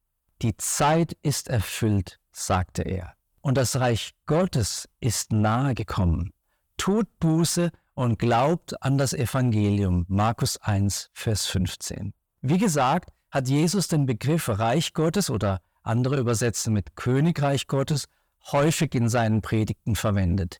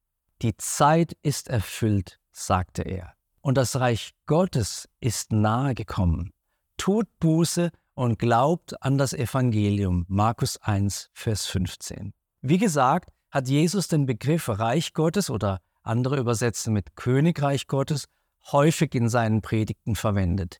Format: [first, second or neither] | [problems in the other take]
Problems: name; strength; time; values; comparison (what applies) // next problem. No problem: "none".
second | distortion; slight; 10 dB below the speech